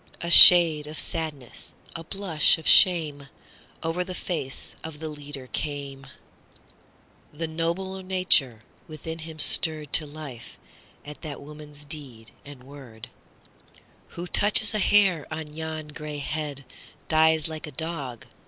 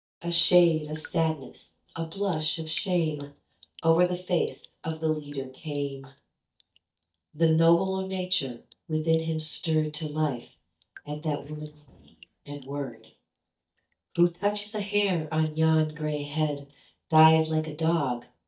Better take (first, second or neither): first